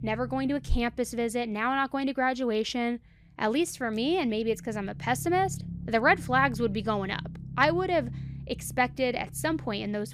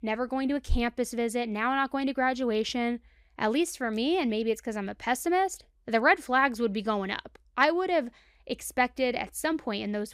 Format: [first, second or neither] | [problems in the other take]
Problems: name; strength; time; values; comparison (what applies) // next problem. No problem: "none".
second | low rumble; faint; throughout; 25 dB below the speech